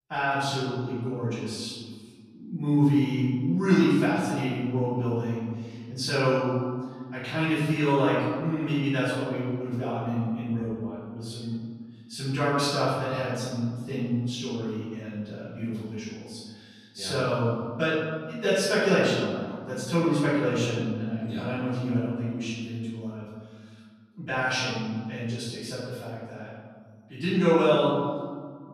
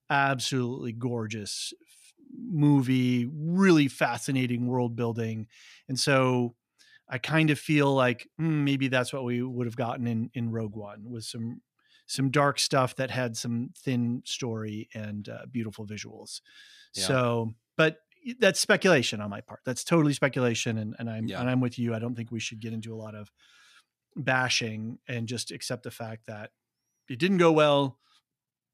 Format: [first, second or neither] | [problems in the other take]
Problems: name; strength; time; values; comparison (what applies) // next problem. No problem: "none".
second | off-mic speech; far // room echo; strong; dies away in 1.7 s